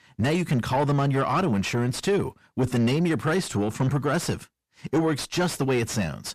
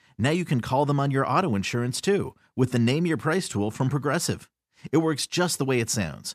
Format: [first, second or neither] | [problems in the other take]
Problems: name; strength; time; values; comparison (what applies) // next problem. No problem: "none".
second | distortion; slight; 9 dB below the speech